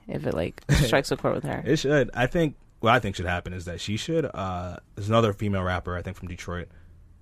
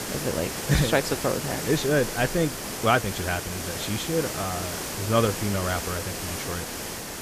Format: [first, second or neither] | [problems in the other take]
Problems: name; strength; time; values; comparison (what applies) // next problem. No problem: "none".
first | hiss; loud; throughout; 4 dB below the speech